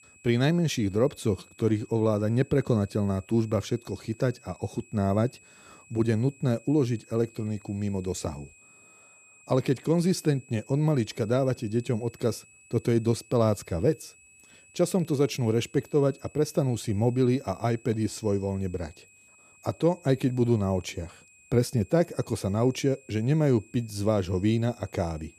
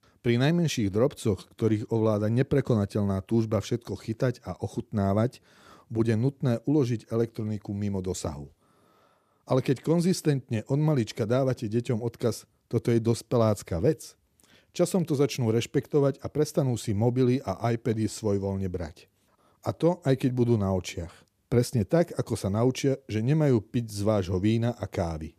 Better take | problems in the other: second | high-pitched whine; faint; throughout; 2.5 kHz, 25 dB below the speech

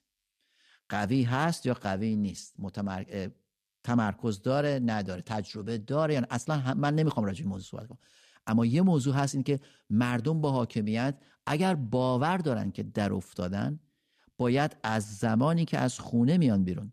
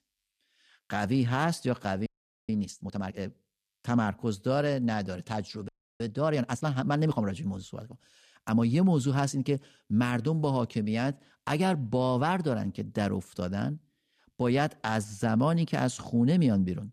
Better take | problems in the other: first | audio freezing; at 2 s and at 5.5 s

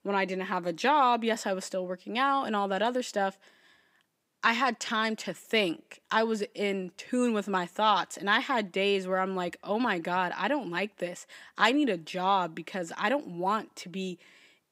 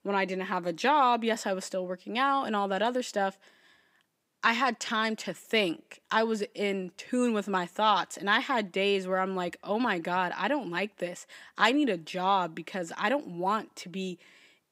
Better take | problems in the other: neither | none

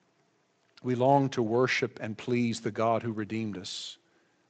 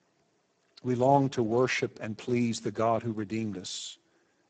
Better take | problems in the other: first | garbled, watery; badly; nothing above 8 kHz; slightly in the first

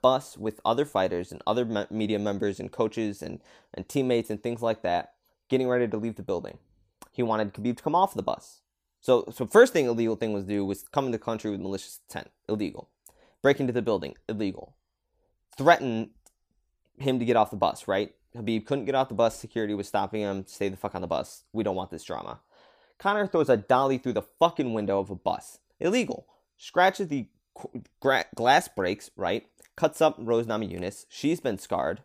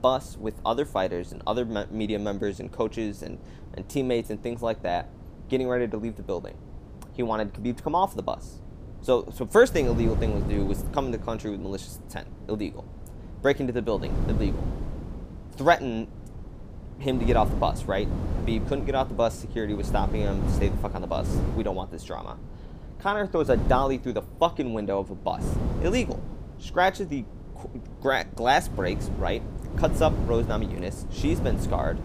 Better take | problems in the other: first | wind noise on the microphone; occasional gusts; 15 dB below the speech

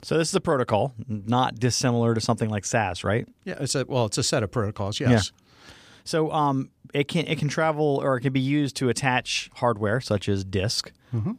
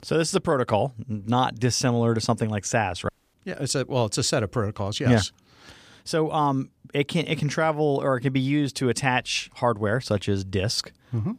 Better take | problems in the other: first | audio cutting out; at 3 s

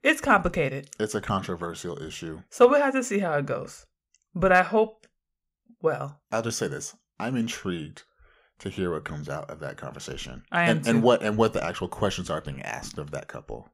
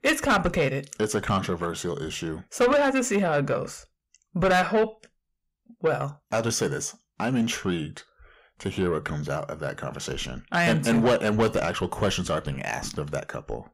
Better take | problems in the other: first | distortion; heavy; 8 dB below the speech

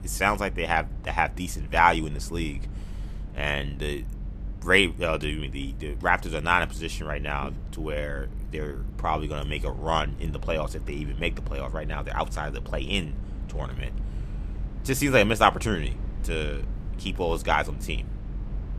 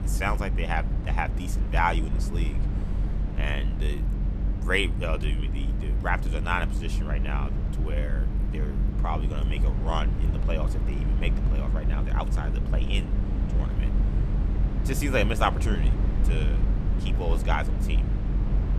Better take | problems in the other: first | low rumble; loud; throughout; 10 dB below the speech; faint in the first

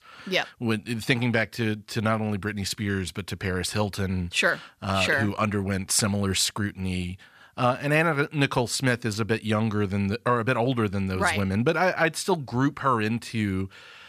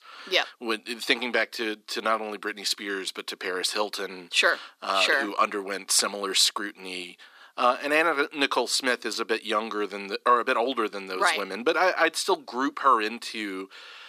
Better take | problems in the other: first | thin; somewhat; fading below 300 Hz

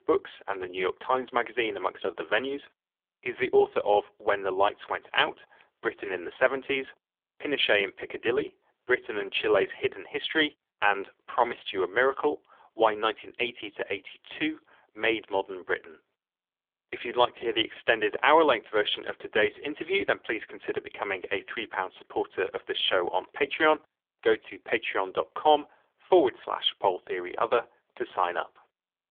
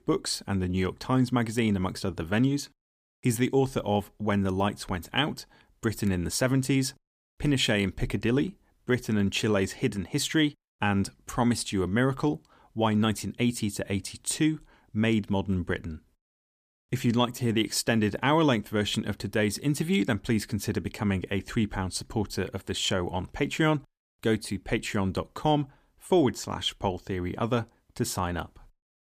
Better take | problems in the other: second | phone-call audio; poor line; nothing above 3.5 kHz

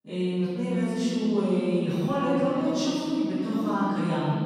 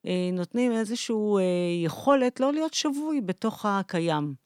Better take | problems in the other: second | off-mic speech; far // room echo; strong; dies away in 3 s

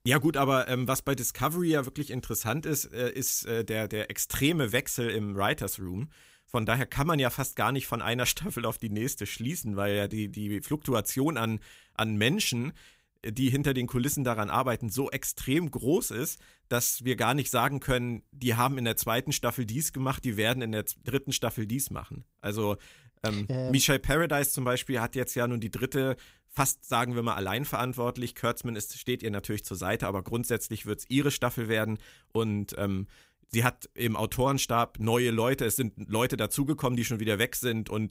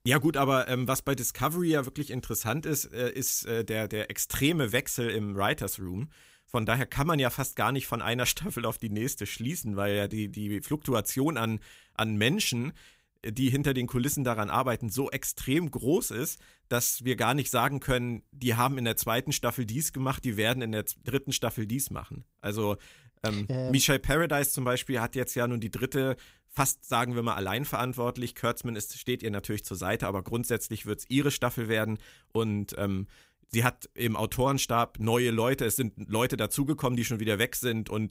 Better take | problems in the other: neither | none

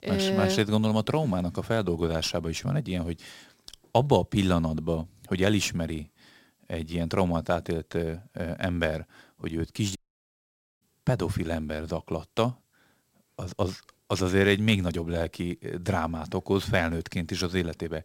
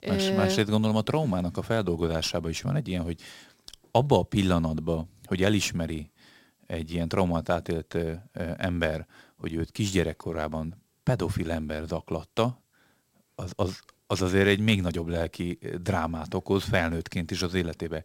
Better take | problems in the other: second | audio cutting out; at 10 s for 1 s

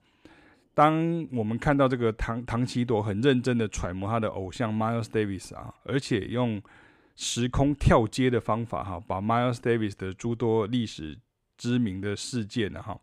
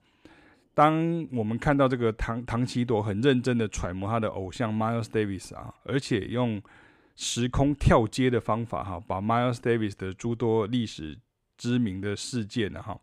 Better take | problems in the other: neither | none

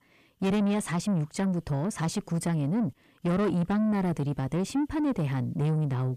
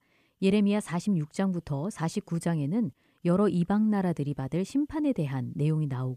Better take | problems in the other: second | distortion; slight; 10 dB below the speech

